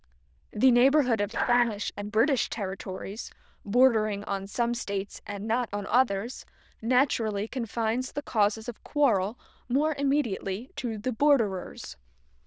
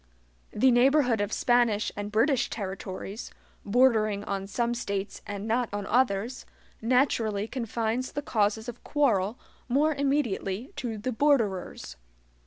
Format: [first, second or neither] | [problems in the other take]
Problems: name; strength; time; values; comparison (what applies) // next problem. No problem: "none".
second | noise reduction (neural diffusion model UNIVERSE++)